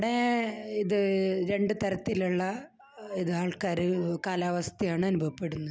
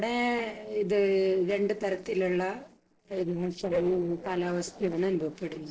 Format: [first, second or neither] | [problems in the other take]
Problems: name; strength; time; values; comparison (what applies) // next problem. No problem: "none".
first | noise reduction (neural separator model SepFormer DNS4)